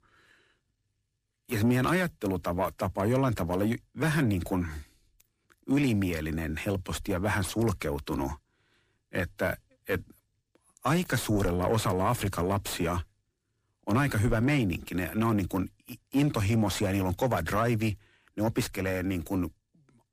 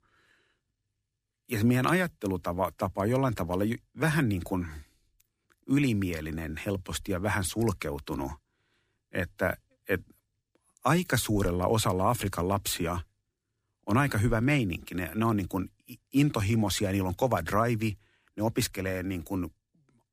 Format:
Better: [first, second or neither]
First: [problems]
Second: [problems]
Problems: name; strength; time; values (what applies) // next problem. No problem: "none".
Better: second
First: distortion; slight; 10 dB below the speech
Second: none